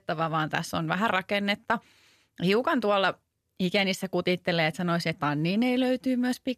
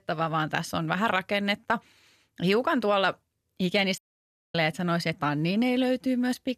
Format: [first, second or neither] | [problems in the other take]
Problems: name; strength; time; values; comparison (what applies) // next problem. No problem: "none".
first | audio cutting out; at 4 s for 0.5 s